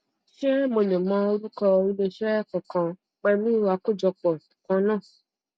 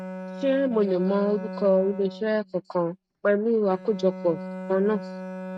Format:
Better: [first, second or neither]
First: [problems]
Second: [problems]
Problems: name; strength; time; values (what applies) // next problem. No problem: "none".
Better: first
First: none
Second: noise reduction (neural mask model RNNoise)